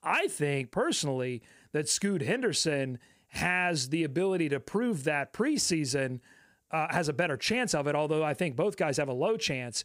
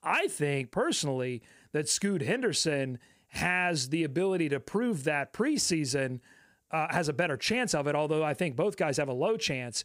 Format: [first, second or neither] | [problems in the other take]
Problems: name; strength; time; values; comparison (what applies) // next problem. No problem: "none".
neither | none